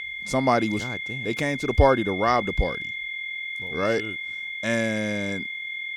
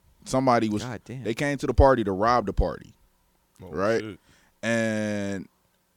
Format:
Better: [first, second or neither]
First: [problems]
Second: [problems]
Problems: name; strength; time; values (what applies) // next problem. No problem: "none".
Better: second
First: high-pitched whine; loud; throughout; 2 kHz, 5 dB below the speech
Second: none